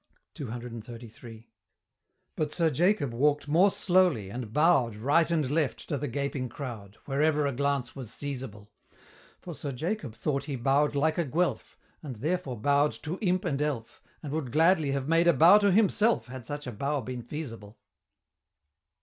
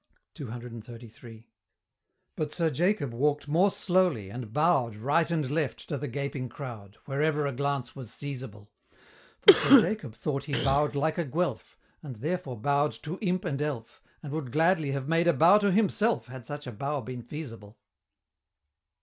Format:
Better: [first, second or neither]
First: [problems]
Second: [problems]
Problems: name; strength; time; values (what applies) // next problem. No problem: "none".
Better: first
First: none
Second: background sound (Cough); 4 dB above the speech